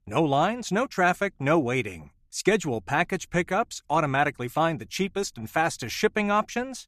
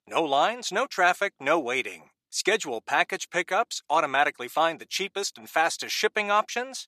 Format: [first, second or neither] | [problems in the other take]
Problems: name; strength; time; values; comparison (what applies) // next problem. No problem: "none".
first | thin; somewhat; fading below 450 Hz